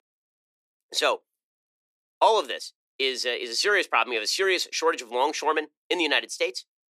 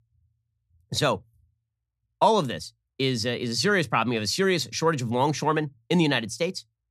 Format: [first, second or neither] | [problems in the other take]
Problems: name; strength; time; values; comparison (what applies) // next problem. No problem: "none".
second | thin; very; fading below 350 Hz